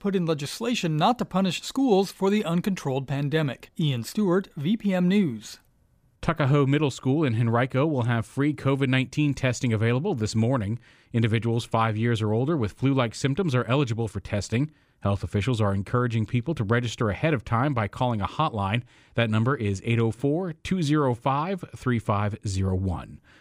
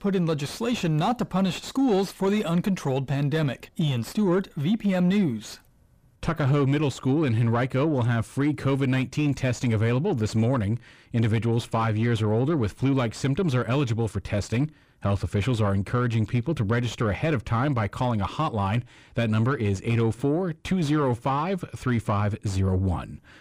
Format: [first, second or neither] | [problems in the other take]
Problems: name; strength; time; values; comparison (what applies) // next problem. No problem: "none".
first | distortion; slight; 10 dB below the speech